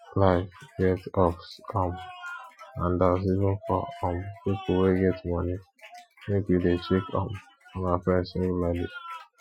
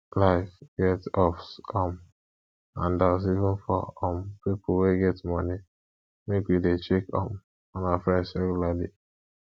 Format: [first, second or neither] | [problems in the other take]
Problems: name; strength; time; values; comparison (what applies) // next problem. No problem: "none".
second | noise reduction (classical method Wiener filter)